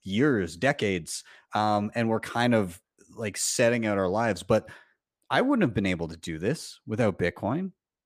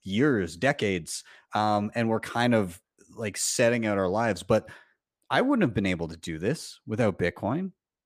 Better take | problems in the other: neither | none

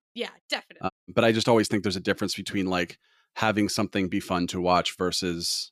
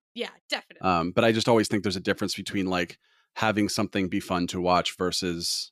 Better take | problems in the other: second | audio cutting out; at 1 s

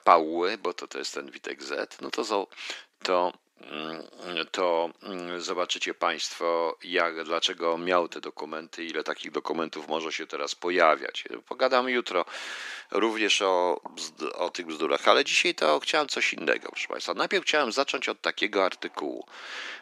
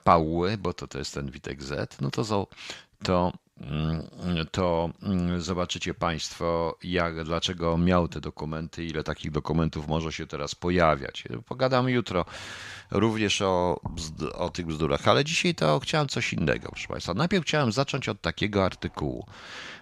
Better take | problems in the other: second | thin; somewhat; fading below 300 Hz

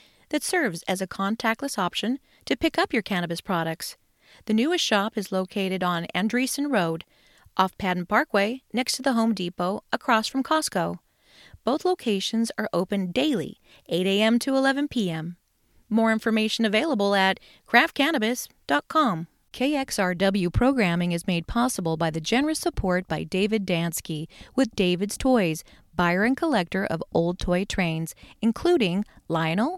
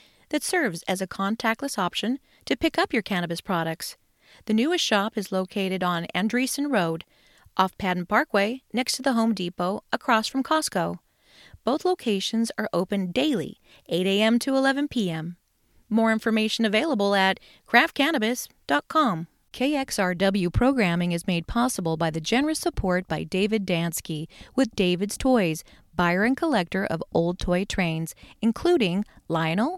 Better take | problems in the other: neither | none

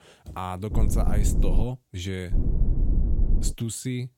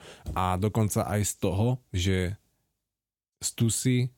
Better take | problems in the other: second | low rumble; loud; at 0.5 s and from 2.5 to 3.5 s; 6 dB below the speech

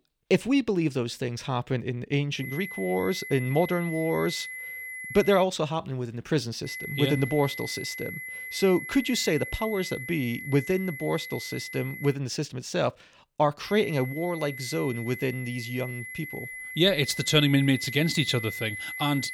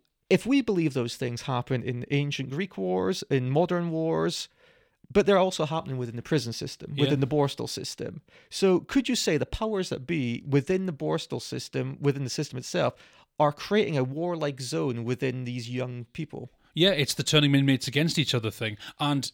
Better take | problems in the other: second | high-pitched whine; loud; from 2.5 to 5.5 s, from 6.5 to 12 s and from 14 s on; 2 kHz, 9 dB below the speech

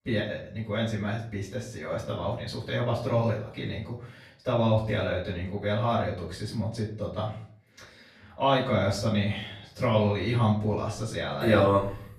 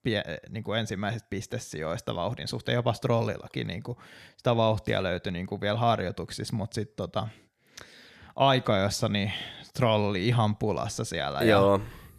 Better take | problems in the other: second | off-mic speech; far // room echo; slight; dies away in 0.4 s

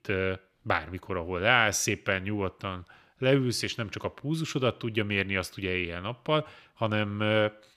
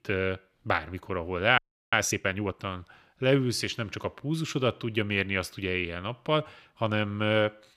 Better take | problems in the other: first | audio freezing; at 1.5 s

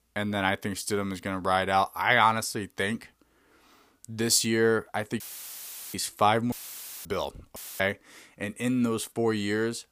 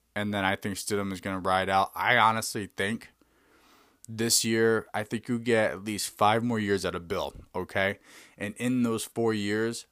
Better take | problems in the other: second | audio cutting out; filled with static; at 5 s for 0.5 s, at 6.5 s for 0.5 s and at 7.5 s

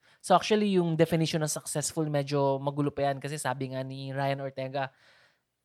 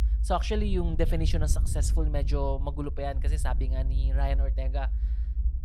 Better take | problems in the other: first | low rumble; noticeable; throughout; 15 dB below the speech

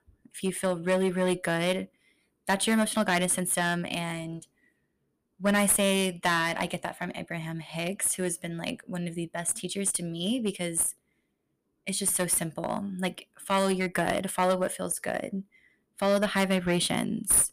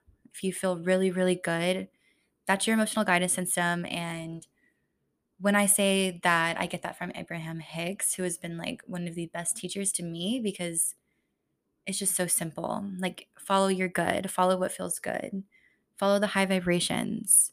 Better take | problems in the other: second | distortion; slight; 3% of the sound clipped

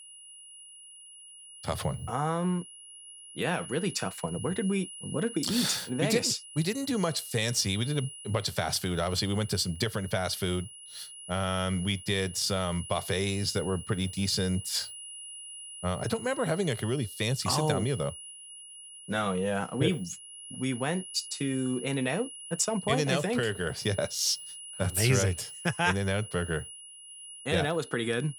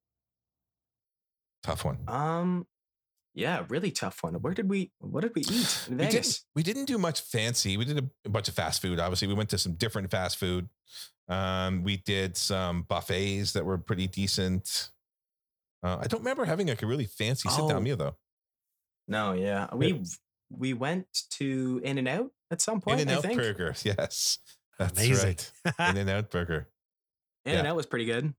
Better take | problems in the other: second | high-pitched whine; noticeable; throughout; 10.5 kHz, 15 dB below the speech

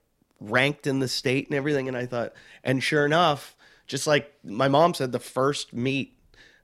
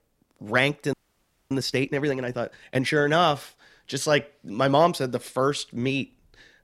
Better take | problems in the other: first | audio freezing; at 1 s for 0.5 s

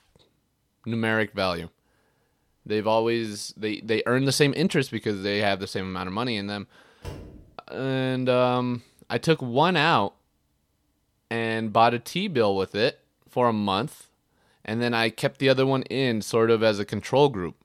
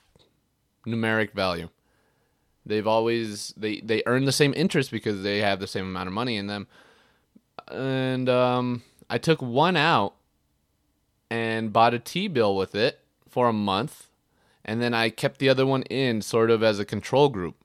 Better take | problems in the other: second | door banging; faint; at 7 s; peak 15 dB below the speech

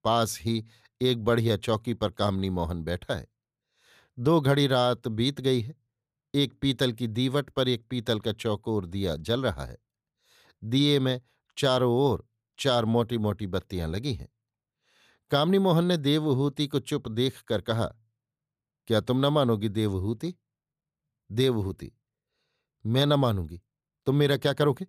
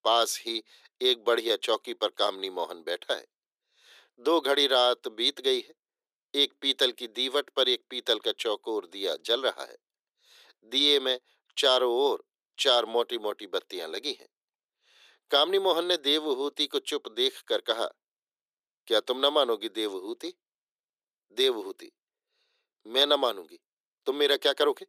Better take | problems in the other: first | thin; very; fading below 350 Hz

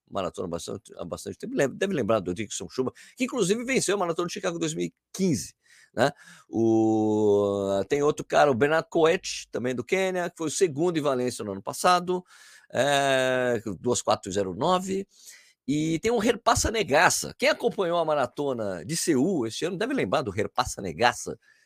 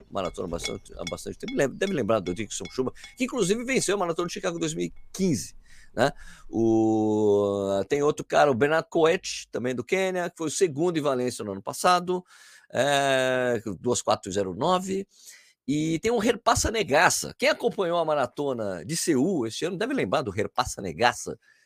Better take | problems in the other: first | clattering dishes; faint; until 7 s; peak 10 dB below the speech

